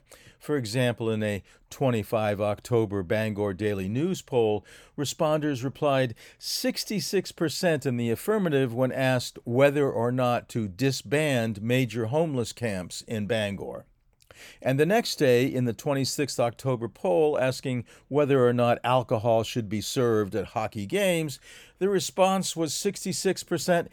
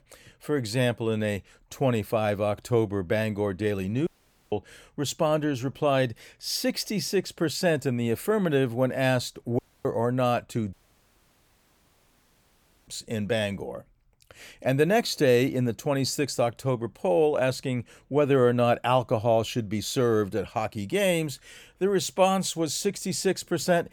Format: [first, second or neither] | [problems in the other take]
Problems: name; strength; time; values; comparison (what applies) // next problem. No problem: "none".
first | audio cutting out; at 4 s, at 9.5 s and at 11 s for 2 s